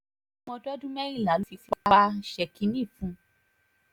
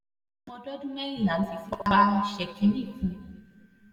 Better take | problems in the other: first | room echo; dies away in 1.6 s

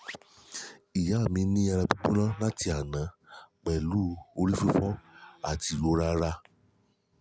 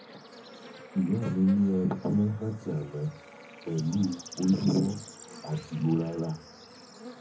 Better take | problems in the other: first | background sound (Bird / Insect); 17 dB below the speech // room echo; dies away in 0.3 s

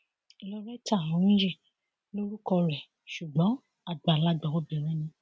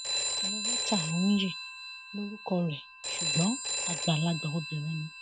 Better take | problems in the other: first | background sound (Telephone); 2 dB below the speech

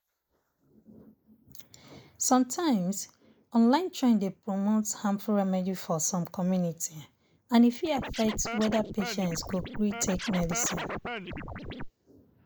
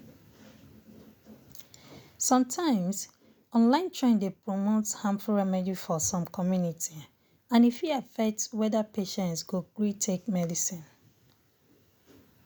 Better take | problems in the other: second | noise reduction (neural mask model Resemble Enhance denoiser)

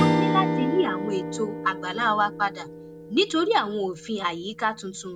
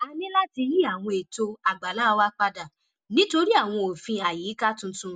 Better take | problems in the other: second | background sound (Strum); 3 dB below the speech

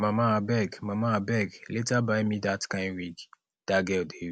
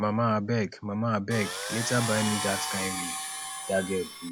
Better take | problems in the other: first | noise reduction (classical method log-MMSE)

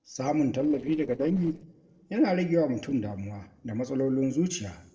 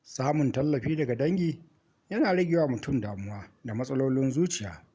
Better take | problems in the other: second | noise reduction (neural separator model SepFormer DNS4)

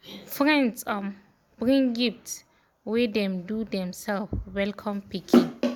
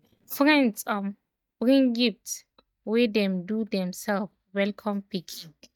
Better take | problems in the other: first | noise reduction (neural mask model DeepFilterNet 3)

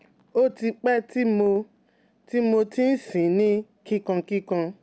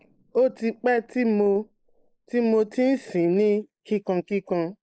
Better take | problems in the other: first | noise reduction (neural mask model Resemble Enhance denoiser)

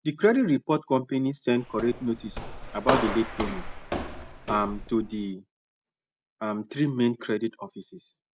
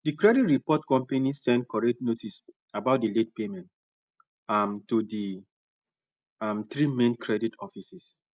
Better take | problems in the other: second | background sound (Walk, footsteps); 5 dB below the speech

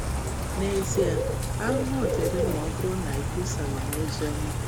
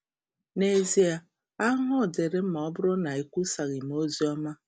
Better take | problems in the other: second | background sound (Bird / Rain); 4 dB above the speech

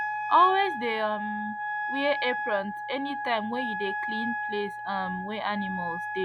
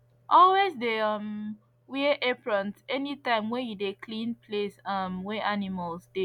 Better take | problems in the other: second | background sound (Wind instrument, woodwind instrument); 3 dB below the speech

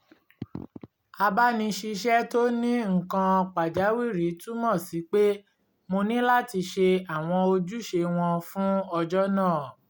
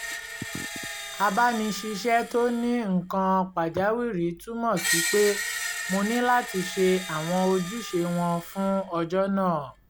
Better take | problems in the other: first | background sound (Screech); 9 dB below the speech

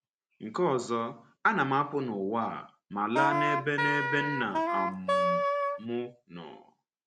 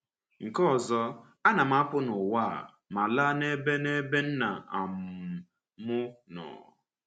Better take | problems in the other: second | background sound (Wind instrument, woodwind instrument); 3 dB above the speech

